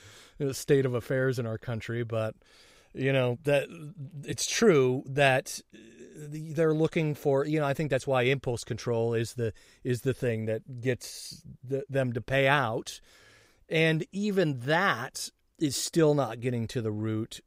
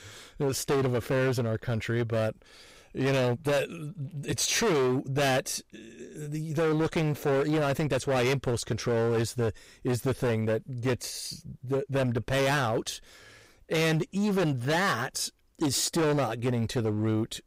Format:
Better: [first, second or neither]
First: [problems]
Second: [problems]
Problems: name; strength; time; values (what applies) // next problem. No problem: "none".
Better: first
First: none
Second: distortion; heavy; 17% of the sound clipped